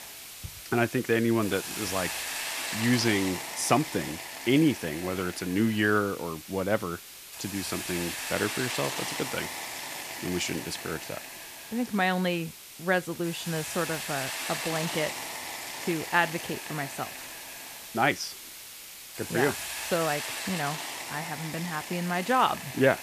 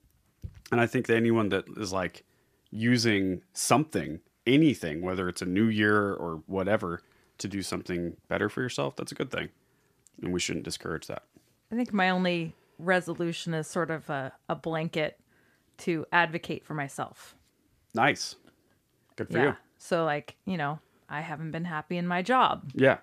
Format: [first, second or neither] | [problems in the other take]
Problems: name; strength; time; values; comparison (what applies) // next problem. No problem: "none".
second | hiss; loud; throughout; 6 dB below the speech